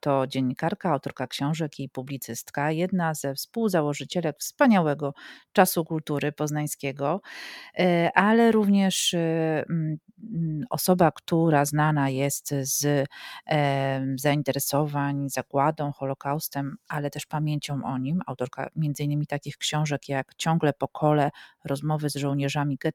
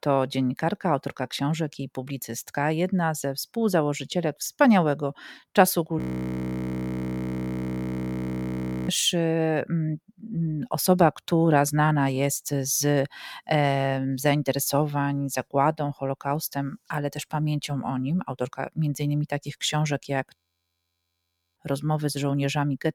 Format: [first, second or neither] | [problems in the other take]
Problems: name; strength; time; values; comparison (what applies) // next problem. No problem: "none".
first | audio freezing; at 6 s for 3 s and at 20 s for 1 s